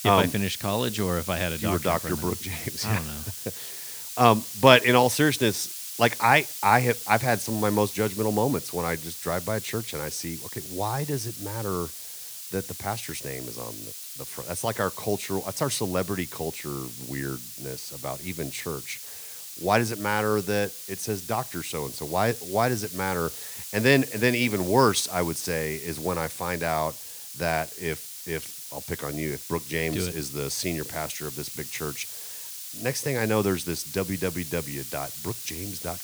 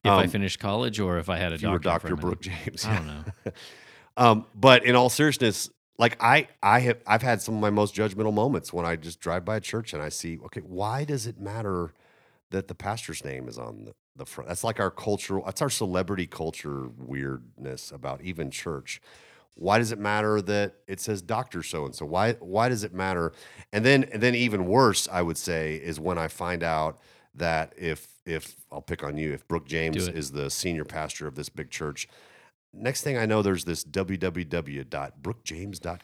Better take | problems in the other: second | hiss; loud; throughout; 9 dB below the speech

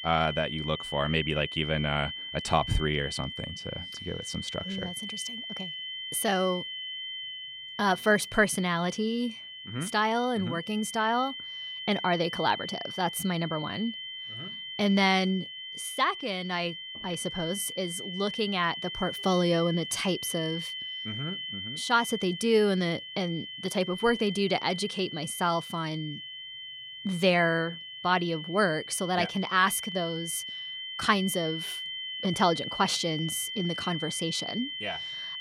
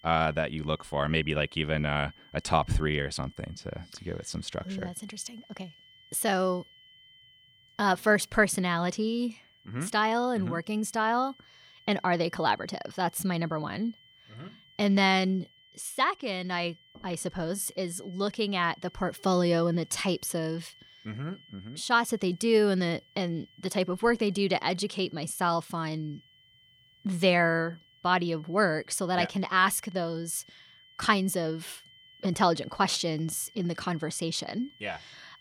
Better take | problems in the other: second | high-pitched whine; loud; throughout; 3 kHz, 7 dB below the speech; faint in the second

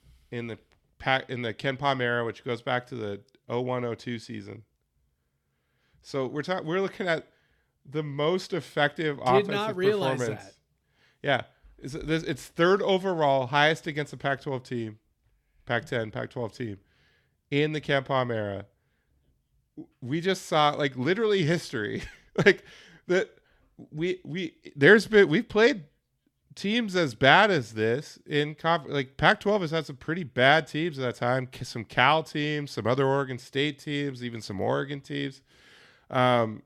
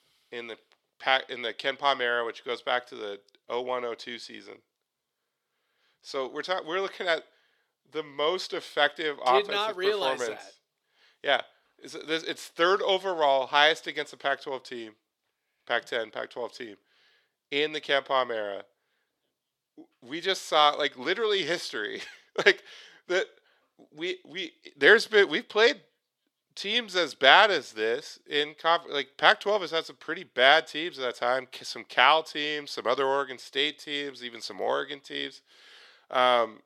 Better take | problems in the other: first | thin; somewhat; fading below 500 Hz

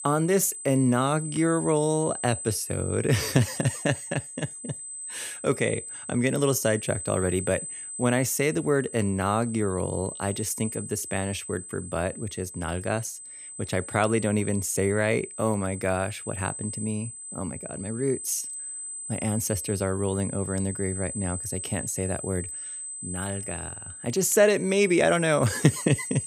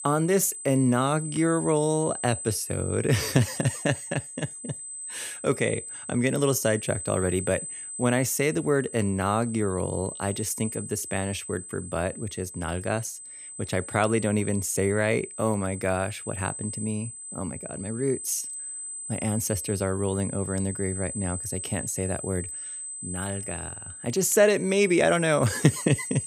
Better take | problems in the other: neither | high-pitched whine; loud; throughout; 8 kHz, 8 dB below the speech; the same in both

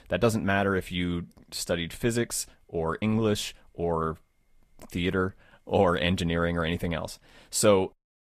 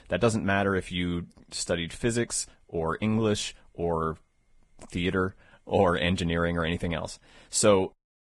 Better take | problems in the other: first | garbled, watery; badly; slightly in the first

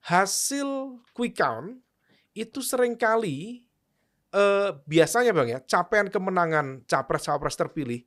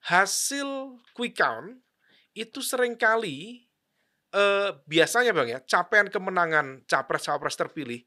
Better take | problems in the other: first | thin; very slightly; fading below 550 Hz

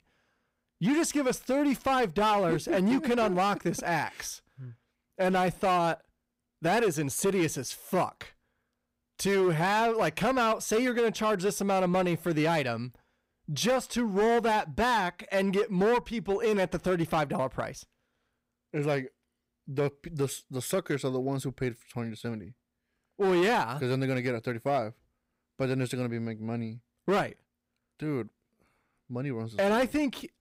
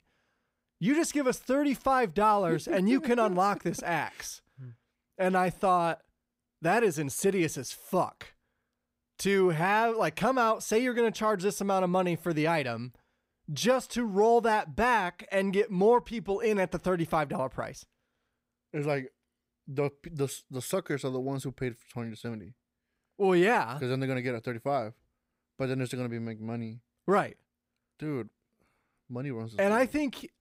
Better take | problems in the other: second | distortion; slight; 8% of the sound clipped

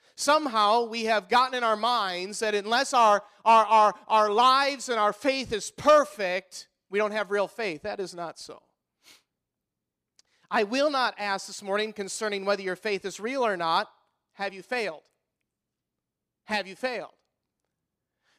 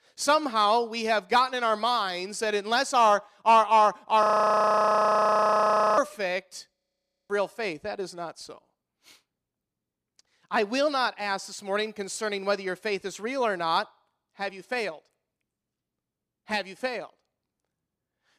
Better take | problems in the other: first | audio freezing; at 4 s for 1.5 s and at 7 s for 0.5 s

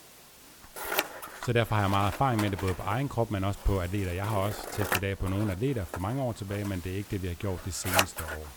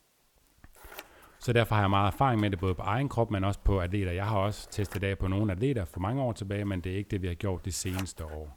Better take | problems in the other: second | household noises; loud; throughout; 4 dB below the speech; faint in the second

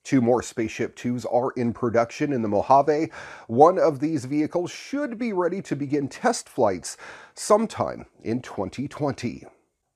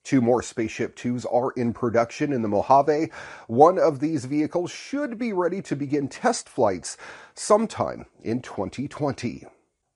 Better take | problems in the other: first | garbled, watery; slightly; nothing above 9.5 kHz

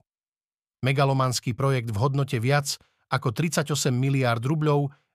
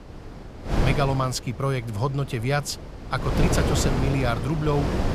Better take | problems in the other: first | wind noise on the microphone; heavy; 3 dB below the speech

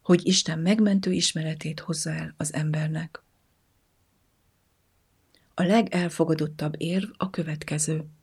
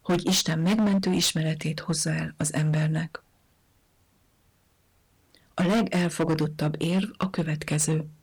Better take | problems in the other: first | distortion; heavy; 9% of the sound clipped

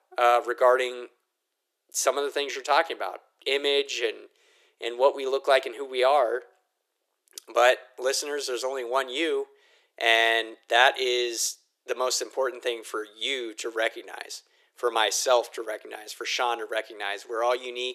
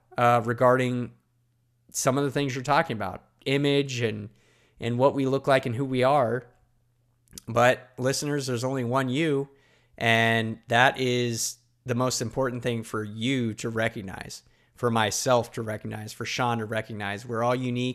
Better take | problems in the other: second | thin; very; fading below 350 Hz

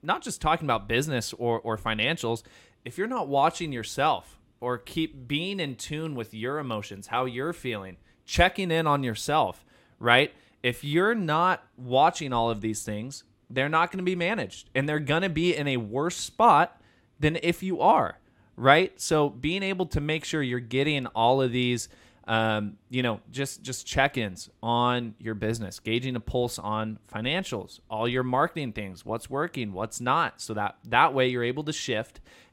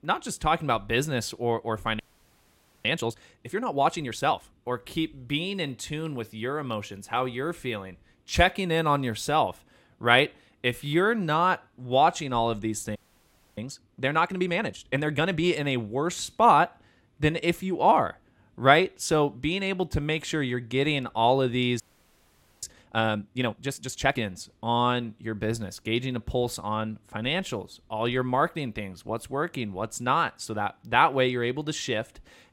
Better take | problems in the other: first | audio freezing; at 2 s for 1 s, at 13 s for 0.5 s and at 22 s for 1 s

